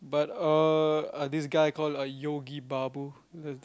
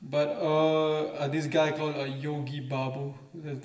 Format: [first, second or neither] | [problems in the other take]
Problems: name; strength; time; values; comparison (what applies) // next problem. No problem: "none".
first | room echo; dies away in 1 s